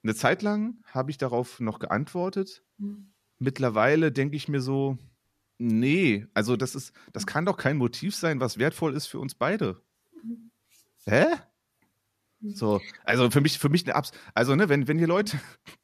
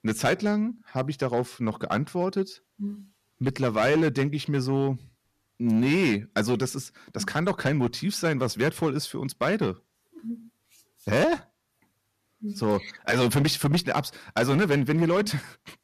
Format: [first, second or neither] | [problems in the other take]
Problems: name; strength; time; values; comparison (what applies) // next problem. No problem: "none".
first | distortion; slight; 5% of the sound clipped